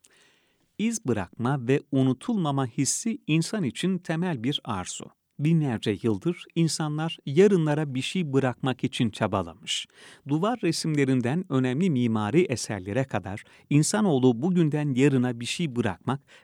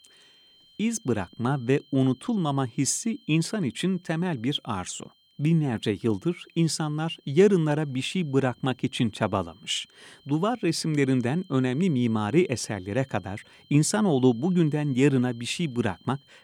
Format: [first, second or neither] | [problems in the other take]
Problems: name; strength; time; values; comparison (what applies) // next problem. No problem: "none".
first | high-pitched whine; faint; throughout; 3 kHz, 30 dB below the speech